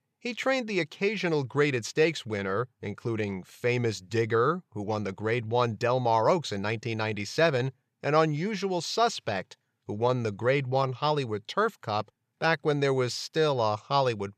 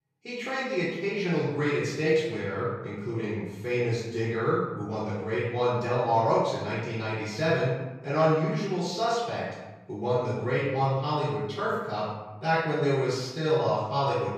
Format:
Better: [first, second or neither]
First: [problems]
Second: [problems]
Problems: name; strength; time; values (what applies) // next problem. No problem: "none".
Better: first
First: none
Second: room echo; strong; dies away in 1 s // off-mic speech; far